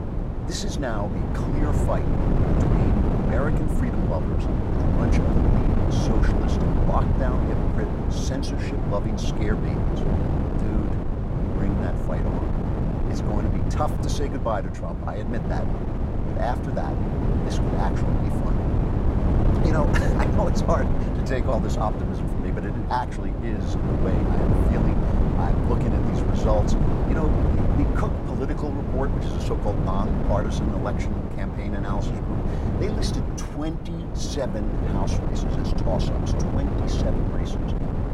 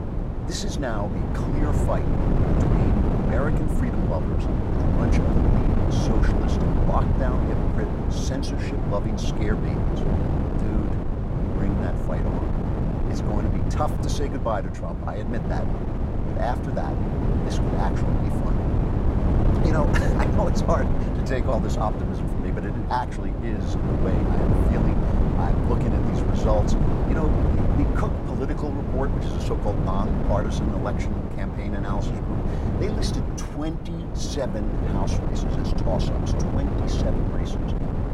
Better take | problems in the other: neither | wind noise on the microphone; heavy; as loud as the speech; the same in both

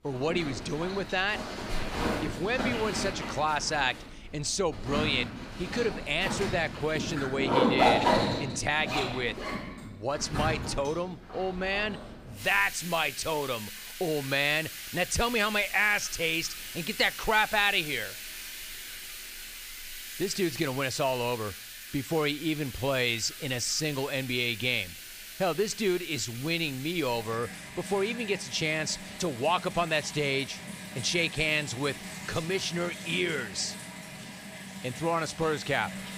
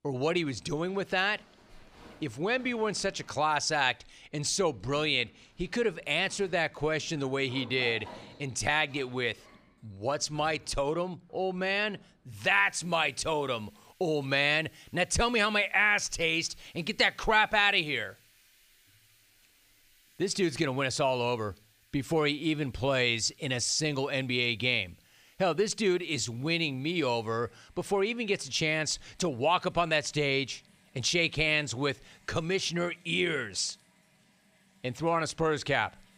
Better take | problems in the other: second | household noises; loud; throughout; 7 dB below the speech; faint in the second

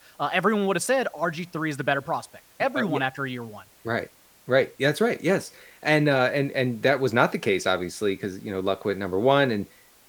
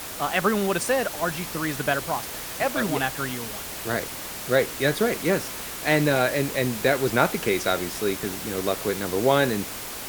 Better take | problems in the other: first | hiss; loud; throughout; 7 dB below the speech; faint in the first

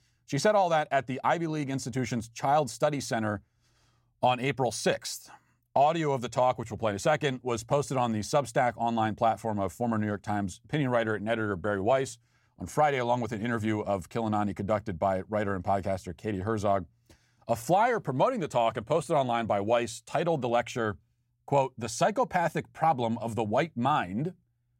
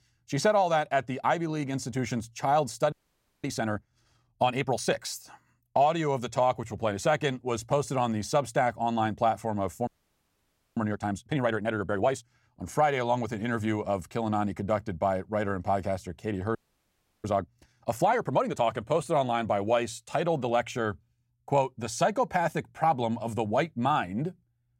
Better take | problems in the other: first | audio freezing; at 3 s for 0.5 s, at 10 s for 1 s and at 17 s for 0.5 s

